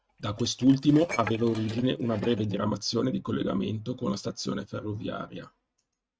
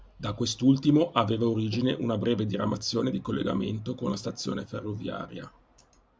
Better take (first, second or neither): second